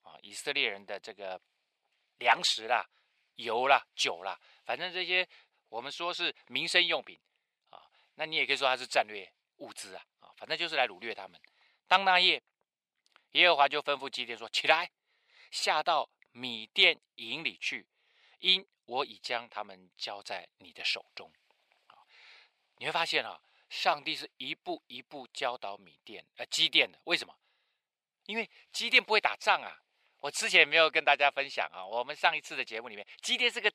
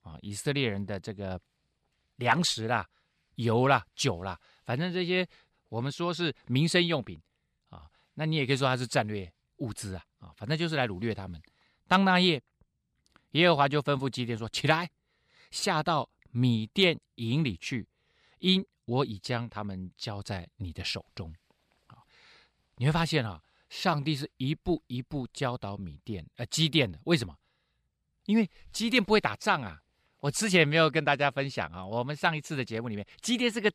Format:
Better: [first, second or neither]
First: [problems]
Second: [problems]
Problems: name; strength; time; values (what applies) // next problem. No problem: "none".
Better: second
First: thin; very; fading below 550 Hz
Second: none